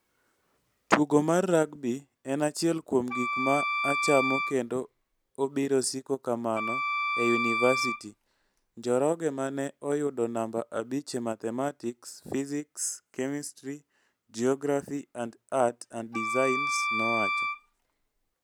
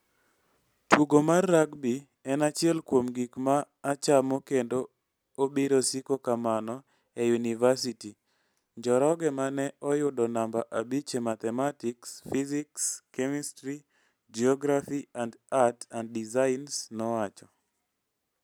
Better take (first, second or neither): second